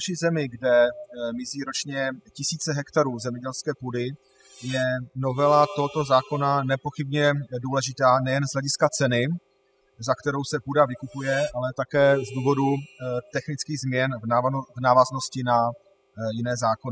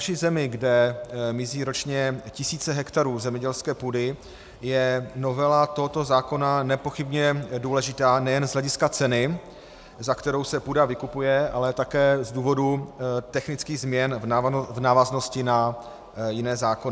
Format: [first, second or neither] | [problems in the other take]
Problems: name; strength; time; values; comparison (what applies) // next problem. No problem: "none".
second | noise reduction (classical method spectral subtraction)